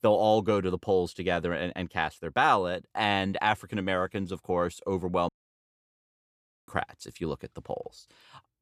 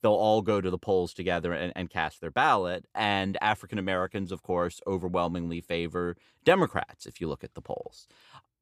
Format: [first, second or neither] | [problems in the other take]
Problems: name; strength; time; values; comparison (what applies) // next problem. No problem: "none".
second | audio cutting out; at 5.5 s for 1.5 s